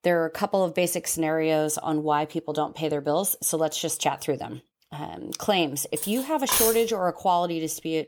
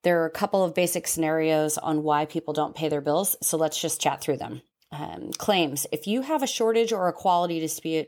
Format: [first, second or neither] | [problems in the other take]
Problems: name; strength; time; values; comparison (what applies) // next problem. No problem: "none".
second | clattering dishes; loud; at 6 s; peak 4 dB above the speech